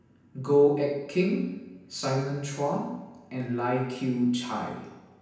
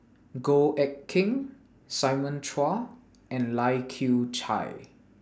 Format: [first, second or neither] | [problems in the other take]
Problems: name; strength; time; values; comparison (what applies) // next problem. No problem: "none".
second | room echo; dies away in 0.9 s